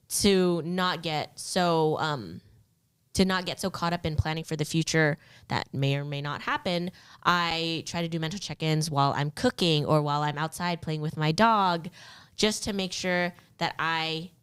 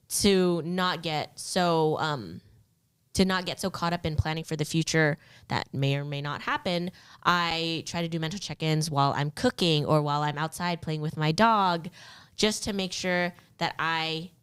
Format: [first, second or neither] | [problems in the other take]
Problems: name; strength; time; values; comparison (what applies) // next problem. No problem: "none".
neither | none